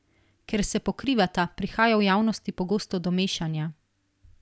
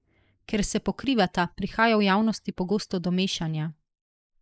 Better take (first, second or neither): first